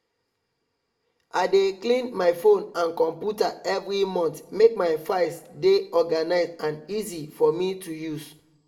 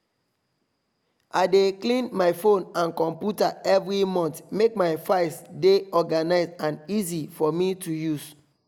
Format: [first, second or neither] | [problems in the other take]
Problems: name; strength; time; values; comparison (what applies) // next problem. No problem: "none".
second | room echo; dies away in 0.4 s